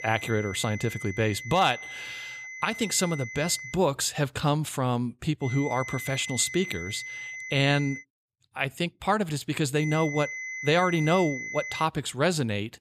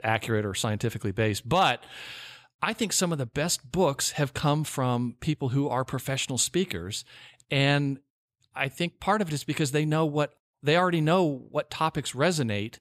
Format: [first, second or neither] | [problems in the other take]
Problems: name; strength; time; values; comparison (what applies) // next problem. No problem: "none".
second | high-pitched whine; loud; until 3.5 s, from 5.5 to 8 s and from 10 to 12 s; 2 kHz, 9 dB below the speech